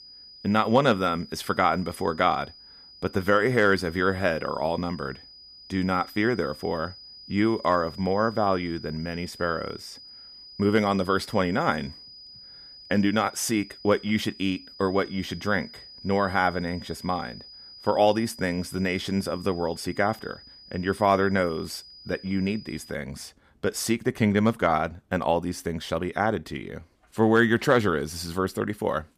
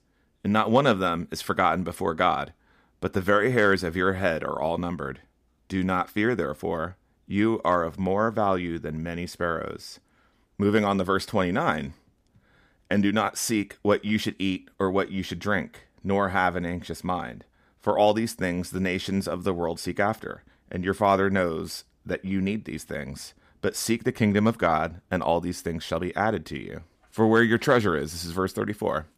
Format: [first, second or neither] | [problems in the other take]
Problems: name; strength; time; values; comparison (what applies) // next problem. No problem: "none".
second | high-pitched whine; noticeable; until 23 s; 5 kHz, 20 dB below the speech